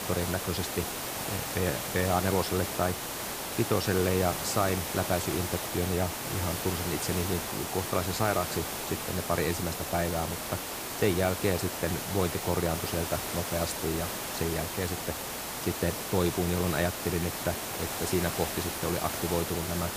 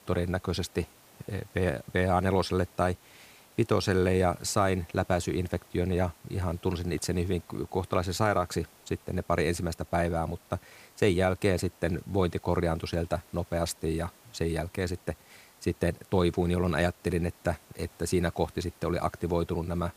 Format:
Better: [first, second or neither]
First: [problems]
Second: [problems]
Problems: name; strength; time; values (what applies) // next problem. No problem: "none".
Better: second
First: hiss; loud; throughout; 2 dB below the speech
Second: hiss; faint; throughout; 25 dB below the speech